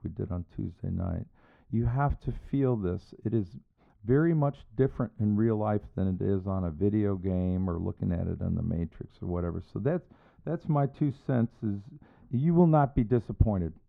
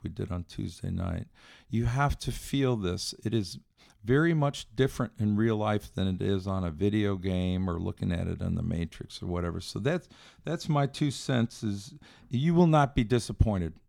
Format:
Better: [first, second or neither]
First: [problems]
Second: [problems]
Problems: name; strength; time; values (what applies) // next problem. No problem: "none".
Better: second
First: muffled; very; fading above 2.5 kHz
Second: none